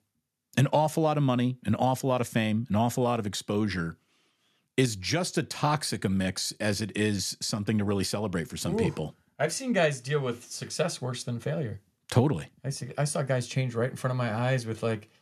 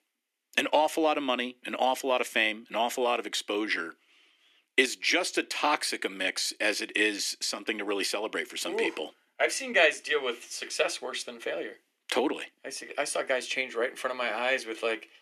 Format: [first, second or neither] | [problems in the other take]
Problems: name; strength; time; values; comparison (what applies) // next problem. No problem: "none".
first | thin; very; fading below 300 Hz